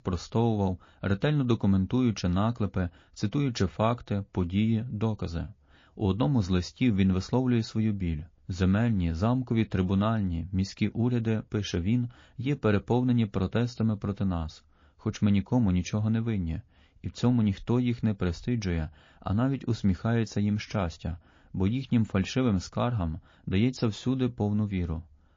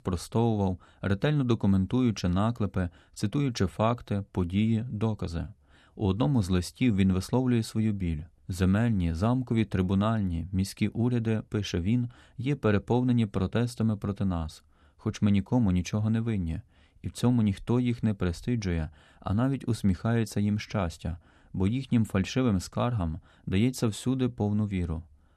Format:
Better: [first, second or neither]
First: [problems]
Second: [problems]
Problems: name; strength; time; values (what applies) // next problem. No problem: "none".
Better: second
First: garbled, watery; slightly; nothing above 6.5 kHz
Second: none